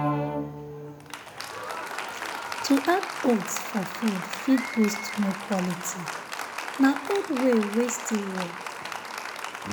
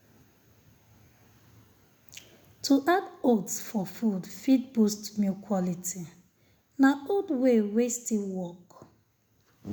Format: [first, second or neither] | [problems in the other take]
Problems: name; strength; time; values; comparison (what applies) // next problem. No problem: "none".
second | background sound (Applause); 5 dB below the speech